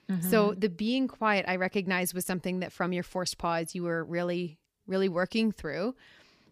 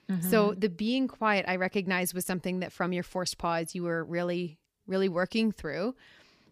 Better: neither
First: none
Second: none

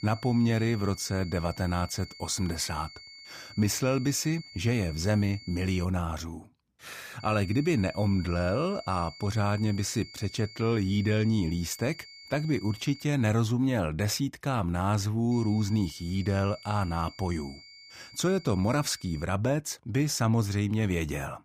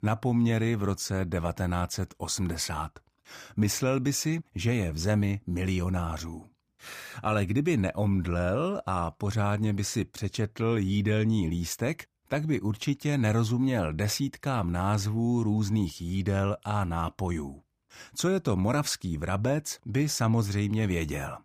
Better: second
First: high-pitched whine; noticeable; until 6 s, from 7 to 13 s and from 15 to 19 s; 4.5 kHz, 20 dB below the speech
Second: none

